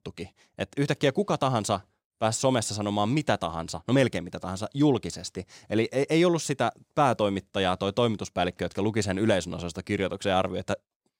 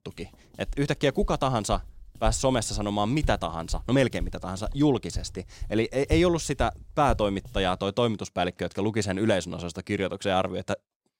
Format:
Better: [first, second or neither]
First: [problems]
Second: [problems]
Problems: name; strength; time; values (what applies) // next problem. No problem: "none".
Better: first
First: none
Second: footsteps; noticeable; from 0.5 to 7.5 s; peak 6 dB below the speech